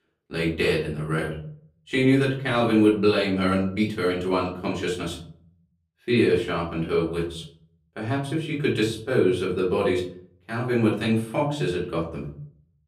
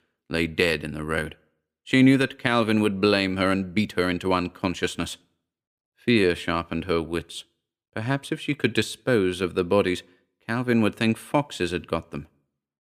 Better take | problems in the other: second | off-mic speech; far // room echo; slight; dies away in 0.7 s

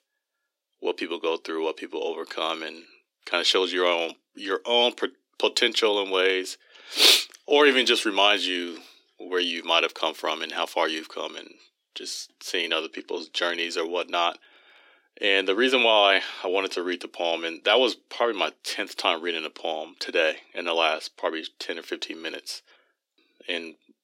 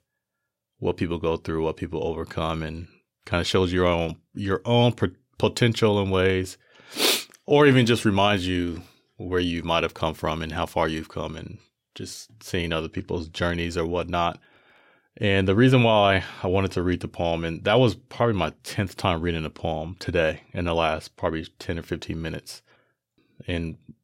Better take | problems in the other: second | thin; somewhat; fading below 300 Hz

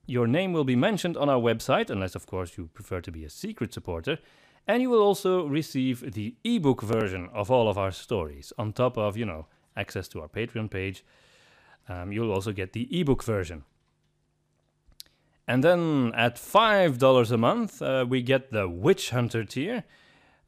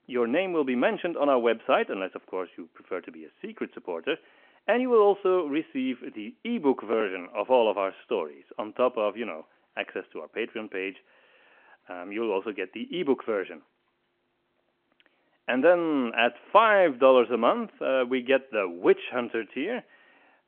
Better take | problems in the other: first | phone-call audio

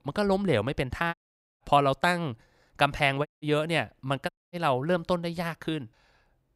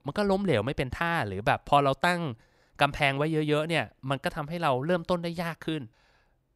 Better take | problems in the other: second | audio cutting out; at 1 s, at 3.5 s and at 4.5 s

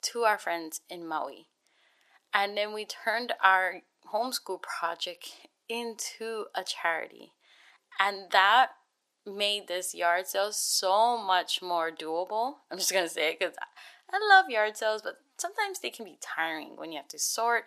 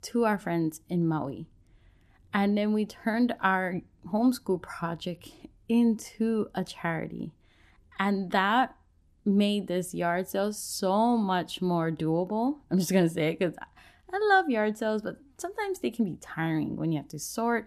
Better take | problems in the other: second | thin; very; fading below 600 Hz

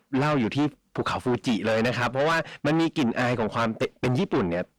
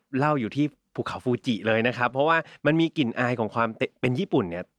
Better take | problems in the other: second | distortion; heavy; 5 dB below the speech

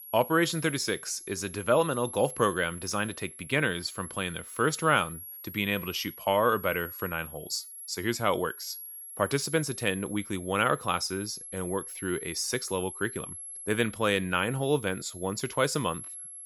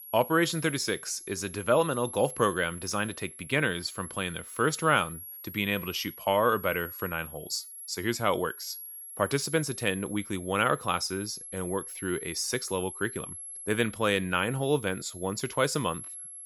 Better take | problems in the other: neither | high-pitched whine; noticeable; throughout; 11 kHz, 10 dB below the speech; the same in both

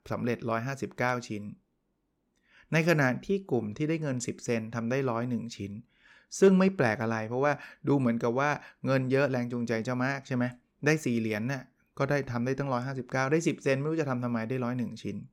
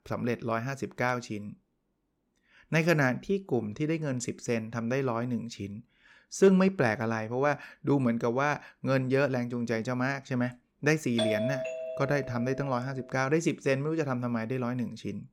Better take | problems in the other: first | doorbell; noticeable; from 11 to 13 s; peak 1 dB below the speech

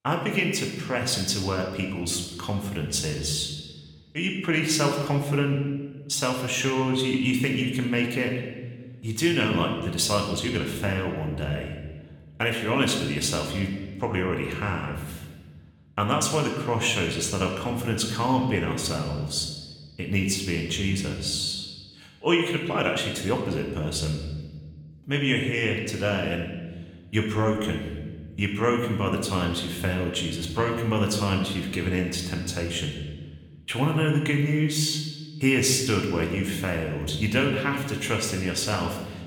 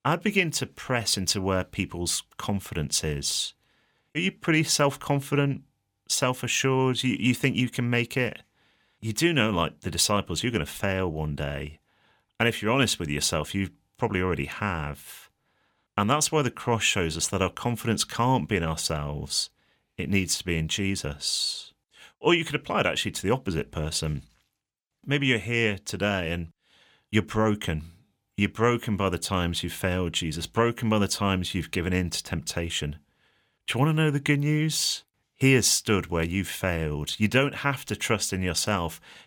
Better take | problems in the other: second | room echo; noticeable; dies away in 1.2 s // off-mic speech; somewhat distant

